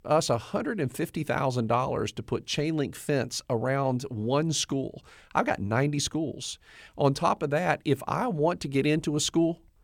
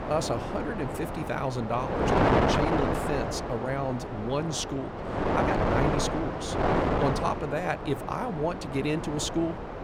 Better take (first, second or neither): first